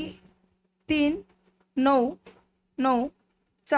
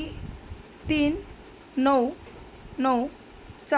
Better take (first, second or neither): second